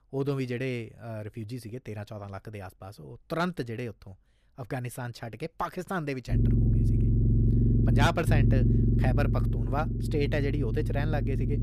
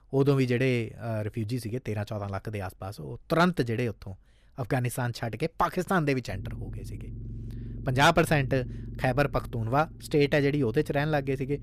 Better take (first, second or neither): second